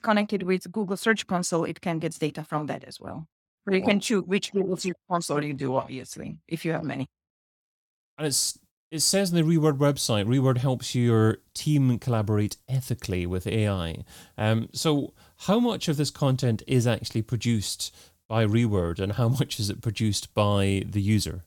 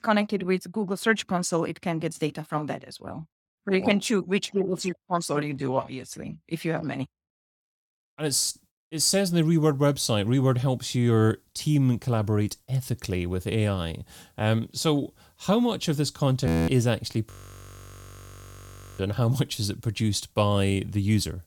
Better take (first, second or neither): first